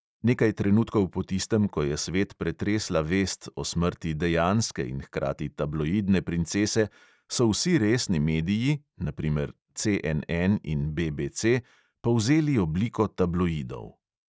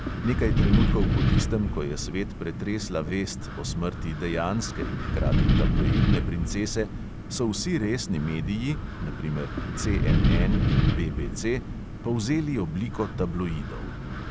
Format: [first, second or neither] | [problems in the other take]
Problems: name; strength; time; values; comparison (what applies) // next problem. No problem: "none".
first | background sound (Wind); 3 dB above the speech